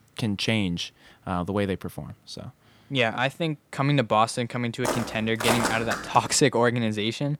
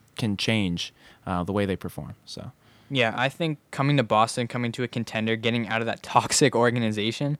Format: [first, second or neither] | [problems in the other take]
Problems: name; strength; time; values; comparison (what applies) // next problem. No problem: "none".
second | footsteps; loud; from 5 to 6 s; peak 1 dB above the speech